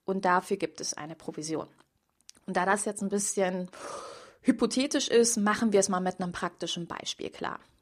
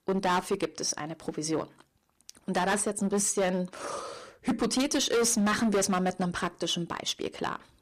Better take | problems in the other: first | distortion; heavy; 10% of the sound clipped

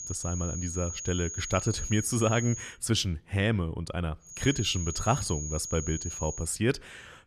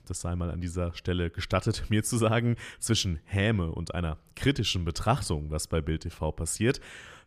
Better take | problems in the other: second | high-pitched whine; loud; until 2.5 s and from 4.5 to 6.5 s; 6.5 kHz, 6 dB below the speech

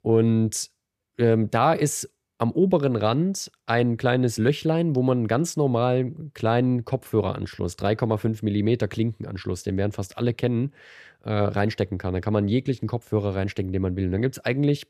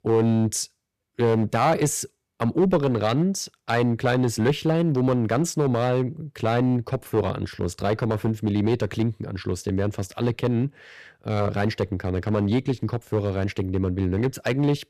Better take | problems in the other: first | distortion; slight; 4% of the sound clipped

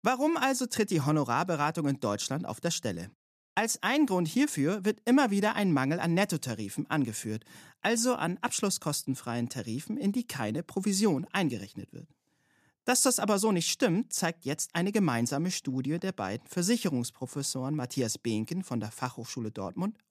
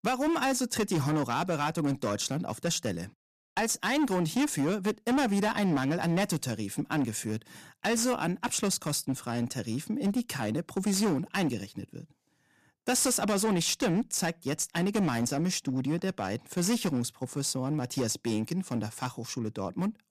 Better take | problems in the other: first | distortion; slight; 11% of the sound clipped

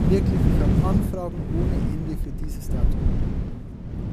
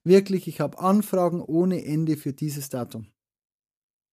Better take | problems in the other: second | wind noise on the microphone; heavy; 2 dB above the speech

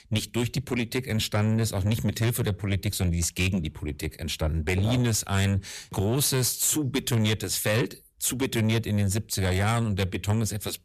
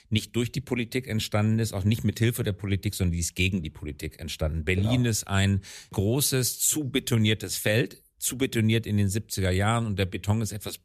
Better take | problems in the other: second | distortion; slight; 10 dB below the speech

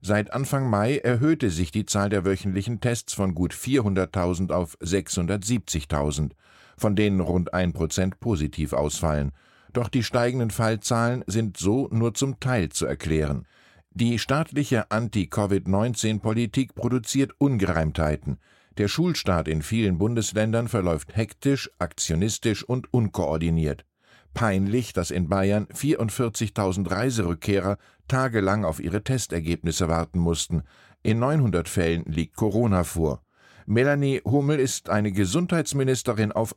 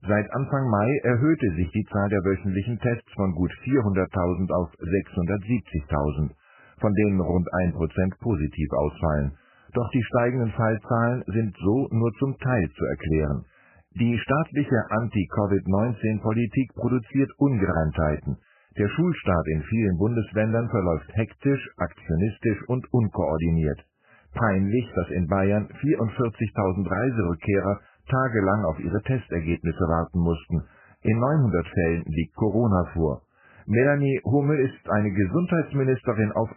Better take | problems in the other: first | garbled, watery; badly; nothing above 3 kHz

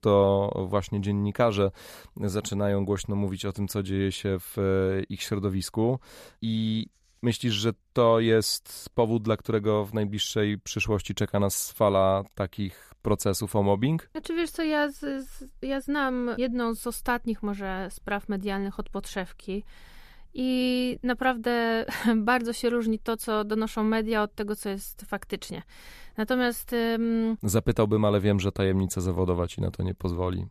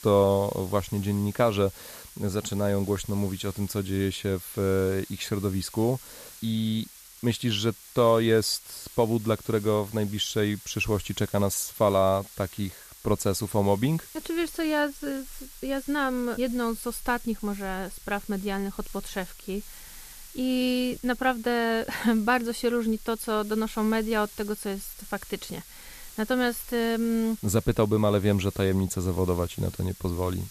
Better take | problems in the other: first | hiss; noticeable; throughout; 15 dB below the speech

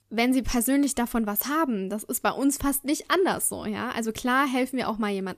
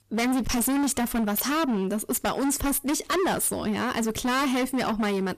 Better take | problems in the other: first | distortion; heavy; 32% of the sound clipped

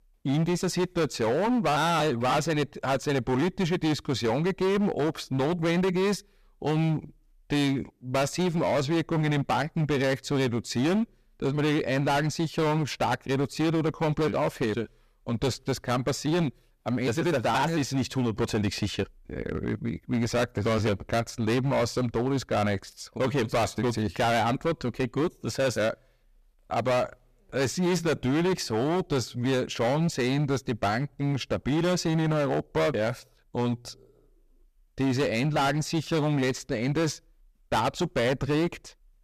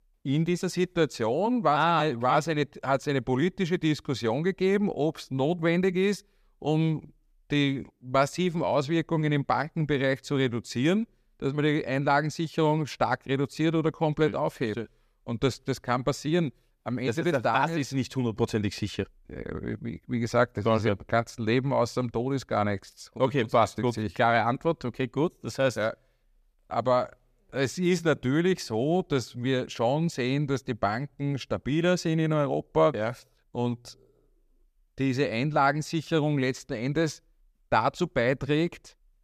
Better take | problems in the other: second | distortion; heavy; 17% of the sound clipped

